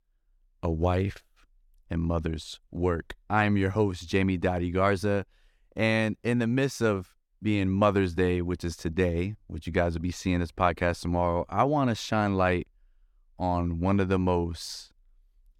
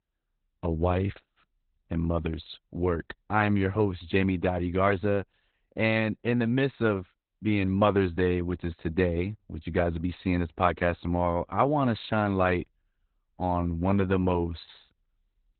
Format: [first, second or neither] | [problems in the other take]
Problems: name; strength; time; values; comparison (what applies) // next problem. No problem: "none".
first | garbled, watery; badly; nothing above 4 kHz